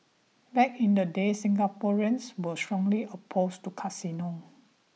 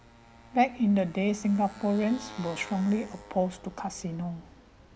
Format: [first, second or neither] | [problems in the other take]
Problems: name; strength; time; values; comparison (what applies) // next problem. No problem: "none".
first | background sound (Motorcycle); 19 dB below the speech